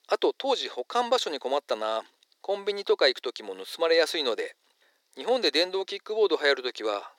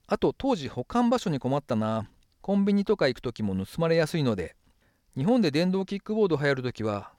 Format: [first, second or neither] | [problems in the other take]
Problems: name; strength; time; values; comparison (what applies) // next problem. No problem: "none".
second | thin; very; fading below 350 Hz